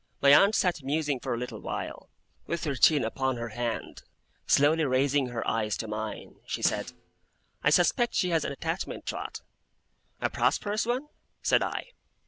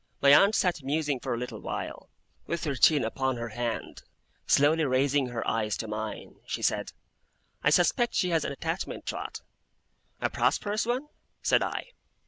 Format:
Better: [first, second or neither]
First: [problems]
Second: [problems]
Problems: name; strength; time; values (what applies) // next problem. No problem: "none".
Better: second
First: background sound (Snare drum); 17 dB below the speech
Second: none